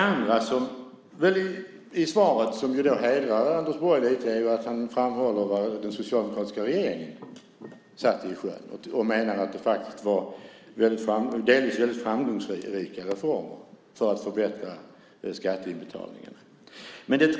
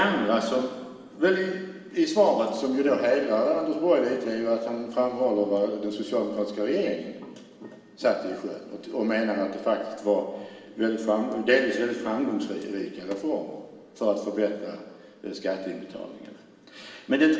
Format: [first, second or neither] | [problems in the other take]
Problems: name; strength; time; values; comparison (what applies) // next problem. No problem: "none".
first | room echo; dies away in 2.3 s